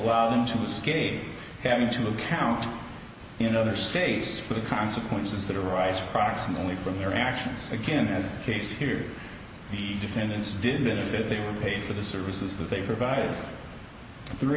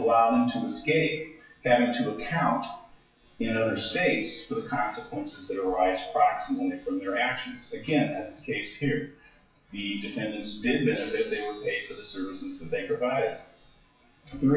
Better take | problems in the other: first | noise reduction (classical method WPE with log-MMSE)

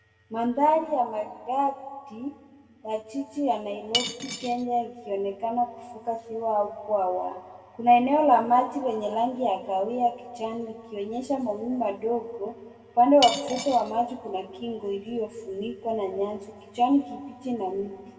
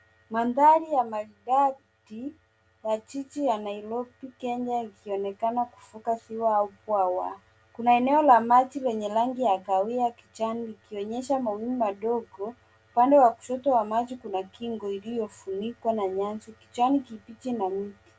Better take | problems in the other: second | background sound (Cutlery, silverware / Dishes, pots, and pans); 5 dB below the speech // room echo; dies away in 1.4 s

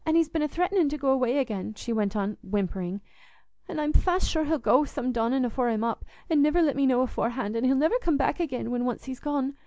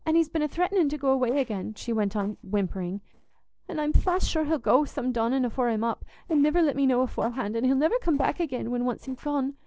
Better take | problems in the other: first | noise reduction (neural separator model SepFormer DNS4)

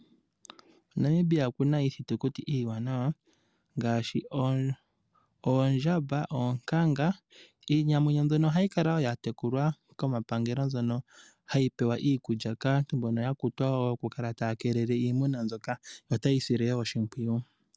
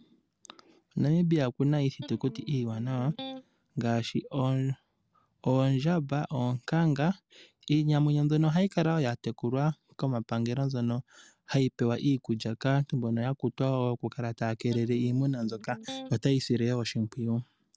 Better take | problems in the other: first | background sound (Electric guitar); 16 dB below the speech

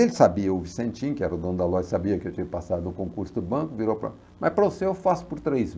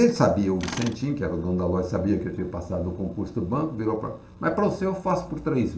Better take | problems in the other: first | background sound (Tools); 17 dB below the speech // room echo; dies away in 0.5 s

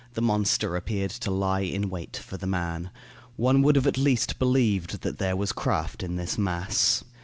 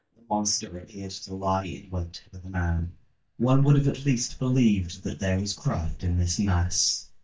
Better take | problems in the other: first | noise reduction (neural mask model DeepFilterNet 3)

